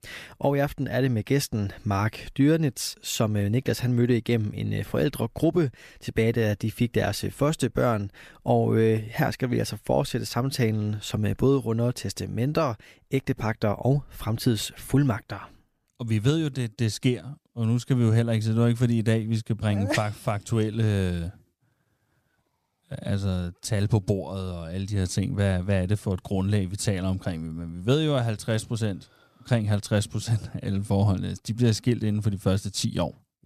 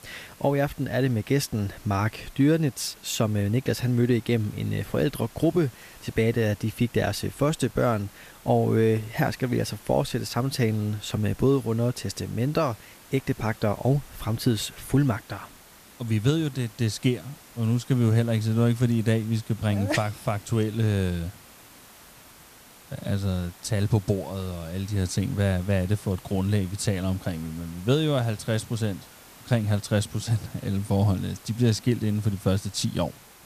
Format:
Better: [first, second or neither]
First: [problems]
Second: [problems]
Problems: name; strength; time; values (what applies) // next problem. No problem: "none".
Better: first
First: none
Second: hiss; faint; throughout; 20 dB below the speech